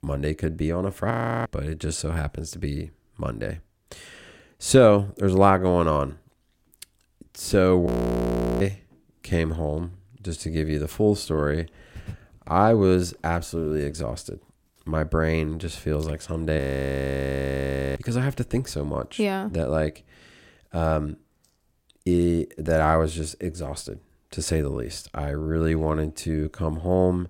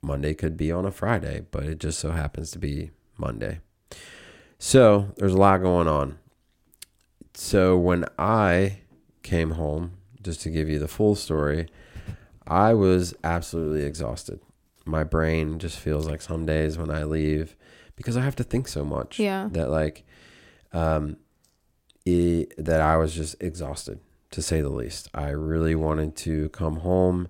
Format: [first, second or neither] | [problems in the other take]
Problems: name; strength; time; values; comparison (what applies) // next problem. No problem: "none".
second | audio freezing; at 1 s, at 8 s for 0.5 s and at 17 s for 1.5 s